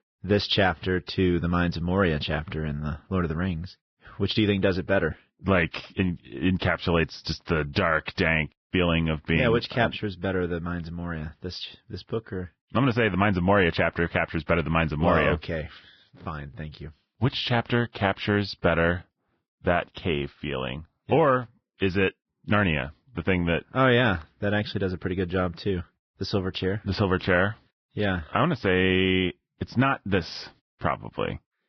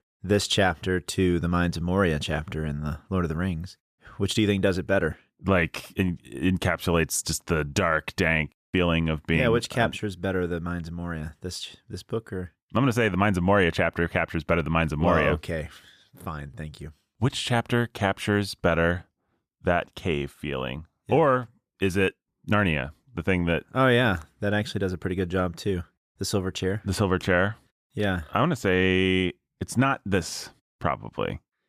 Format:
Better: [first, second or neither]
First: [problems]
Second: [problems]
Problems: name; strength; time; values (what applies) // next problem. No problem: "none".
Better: second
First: garbled, watery; badly; nothing above 5.5 kHz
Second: none